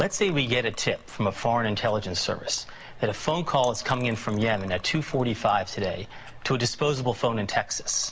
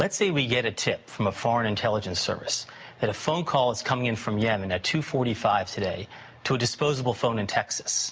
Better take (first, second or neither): second